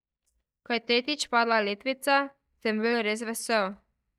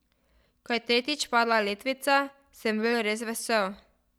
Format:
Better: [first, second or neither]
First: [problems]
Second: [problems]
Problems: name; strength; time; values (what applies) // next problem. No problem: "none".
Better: second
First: noise reduction (neural mask model DeepFilterNet 3)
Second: none